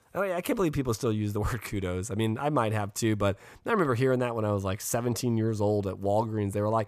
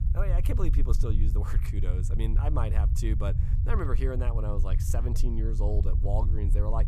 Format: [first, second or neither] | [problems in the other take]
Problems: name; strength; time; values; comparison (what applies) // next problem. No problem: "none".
first | low rumble; loud; throughout; 7 dB below the speech